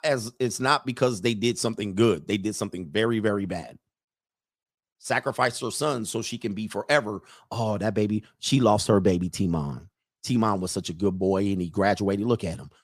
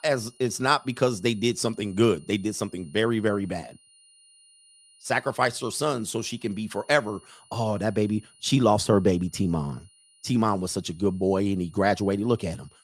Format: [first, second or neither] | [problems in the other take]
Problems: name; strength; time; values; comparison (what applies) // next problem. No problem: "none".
first | high-pitched whine; faint; throughout; 9.5 kHz, 30 dB below the speech